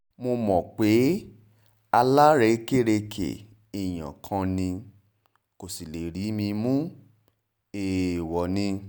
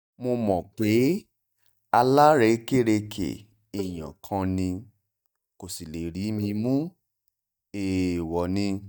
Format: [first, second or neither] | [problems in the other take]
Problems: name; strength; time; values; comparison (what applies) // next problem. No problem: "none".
first | noise reduction (neural mask model DeepFilterNet 3)